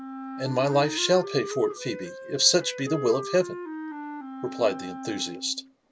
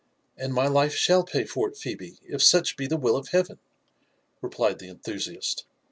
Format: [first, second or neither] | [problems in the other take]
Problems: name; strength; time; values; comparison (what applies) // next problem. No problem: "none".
second | background sound (Wind instrument, woodwind instrument); 9 dB below the speech